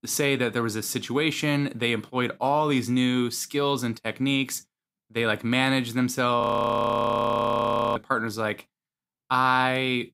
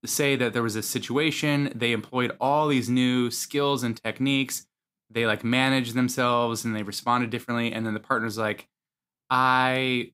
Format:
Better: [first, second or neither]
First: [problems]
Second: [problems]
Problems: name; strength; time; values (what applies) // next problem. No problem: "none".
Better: second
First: audio freezing; at 6.5 s for 1.5 s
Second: none